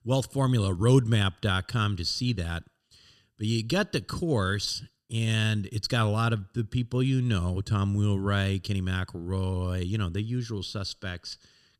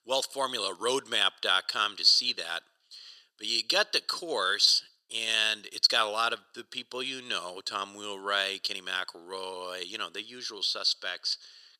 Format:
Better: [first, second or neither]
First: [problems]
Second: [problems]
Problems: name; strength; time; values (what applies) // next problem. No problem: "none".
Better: first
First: none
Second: thin; very; fading below 550 Hz